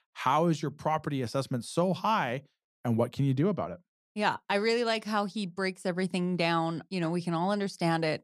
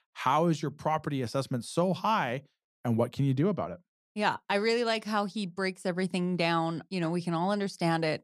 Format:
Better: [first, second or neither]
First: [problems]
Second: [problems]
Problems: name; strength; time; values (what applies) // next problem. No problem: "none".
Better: neither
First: none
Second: none